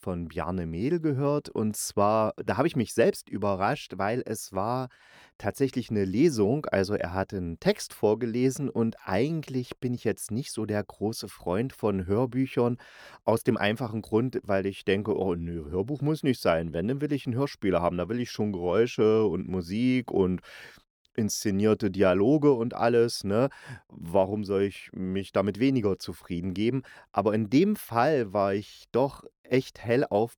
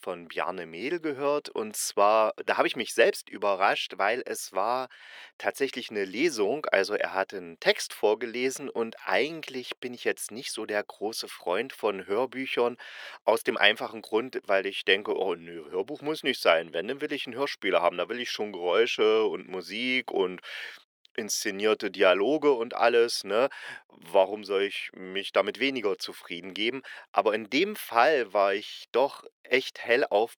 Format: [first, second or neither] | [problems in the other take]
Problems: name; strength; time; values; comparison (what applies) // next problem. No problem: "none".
first | thin; somewhat; fading below 500 Hz